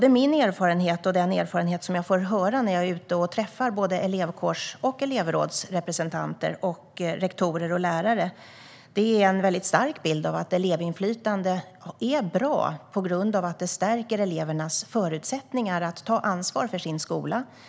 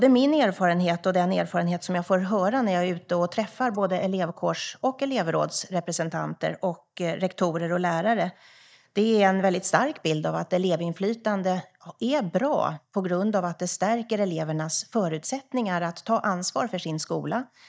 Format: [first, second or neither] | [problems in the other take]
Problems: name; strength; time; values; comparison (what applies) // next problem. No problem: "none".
first | noise reduction (neural mask model DeepFilterNet 3)